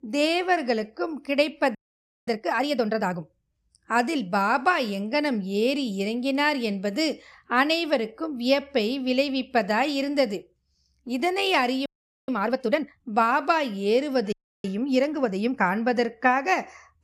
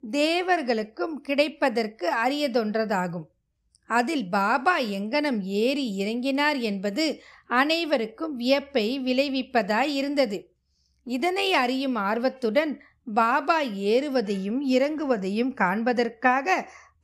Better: second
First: audio freezing; at 2 s for 0.5 s, at 12 s and at 14 s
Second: none

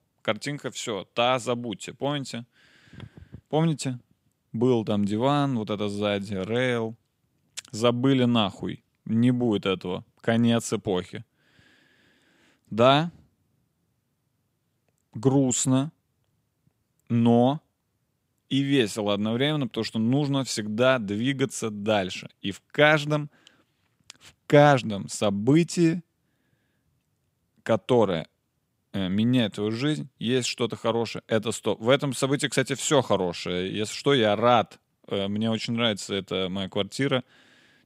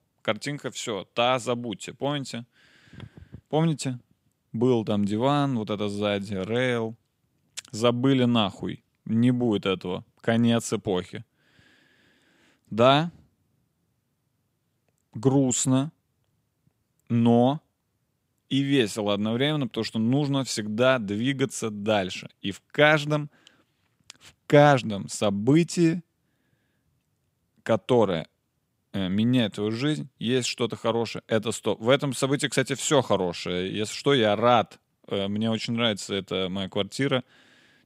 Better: neither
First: none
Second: none

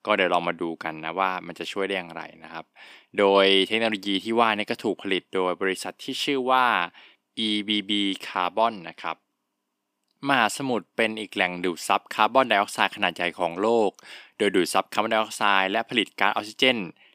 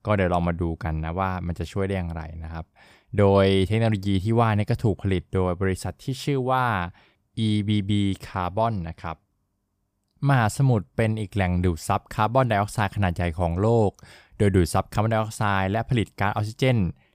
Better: second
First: thin; somewhat; fading below 250 Hz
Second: none

